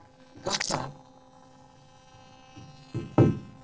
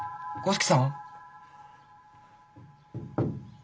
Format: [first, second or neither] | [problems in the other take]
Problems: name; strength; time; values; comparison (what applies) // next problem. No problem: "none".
second | noise reduction (neural separator model SepFormer DNS4)